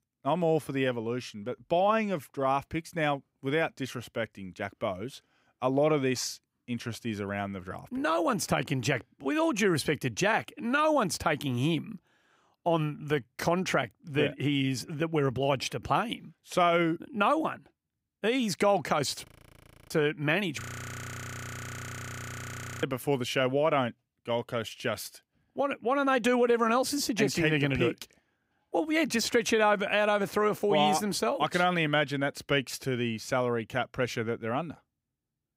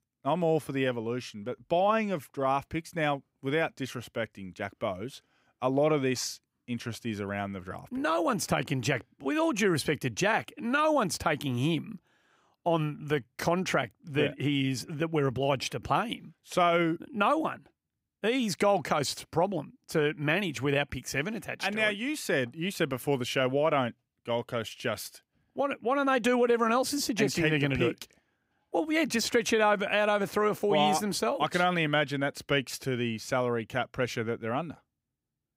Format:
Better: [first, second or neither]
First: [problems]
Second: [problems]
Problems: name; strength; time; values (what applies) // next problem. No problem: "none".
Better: second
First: audio freezing; at 19 s for 0.5 s and at 21 s for 2 s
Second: none